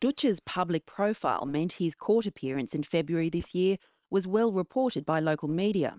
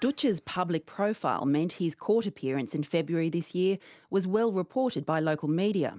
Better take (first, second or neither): second